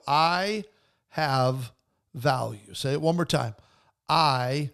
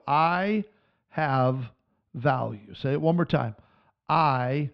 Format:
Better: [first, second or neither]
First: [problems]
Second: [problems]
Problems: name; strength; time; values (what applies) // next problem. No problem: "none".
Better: first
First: none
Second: muffled; very; fading above 3 kHz